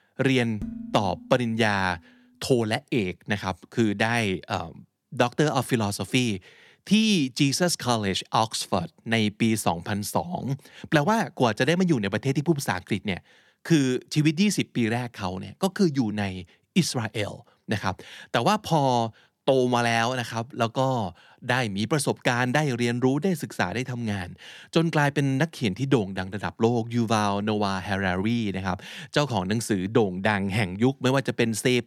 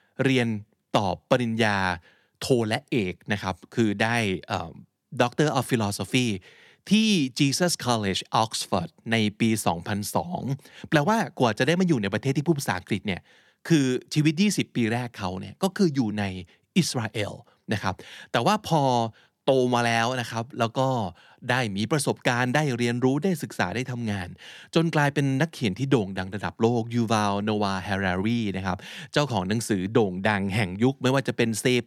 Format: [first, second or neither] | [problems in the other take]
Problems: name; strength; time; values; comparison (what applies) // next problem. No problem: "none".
second | clattering dishes; faint; at 0.5 s; peak 10 dB below the speech